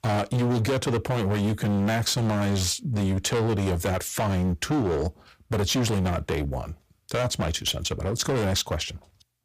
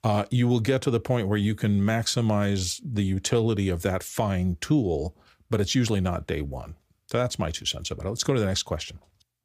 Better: second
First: distortion; heavy; 23% of the sound clipped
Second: none

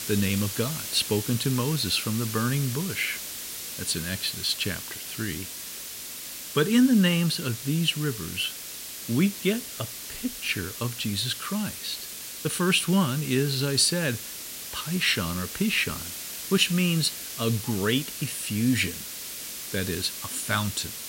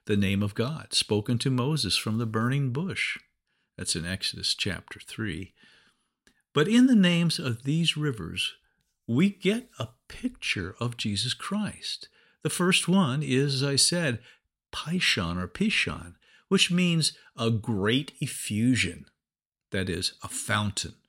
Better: second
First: hiss; loud; throughout; 8 dB below the speech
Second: none

